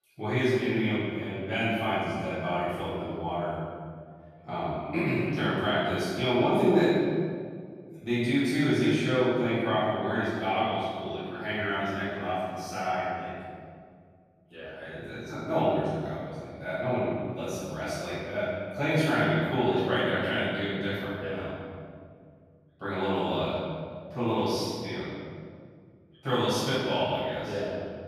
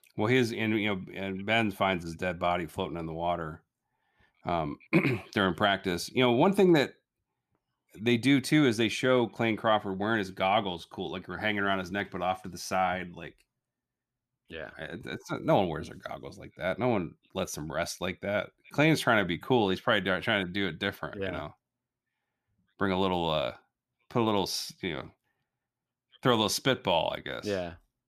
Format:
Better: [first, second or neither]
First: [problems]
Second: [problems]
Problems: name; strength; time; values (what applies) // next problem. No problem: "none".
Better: second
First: off-mic speech; far // room echo; strong; dies away in 1.9 s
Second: none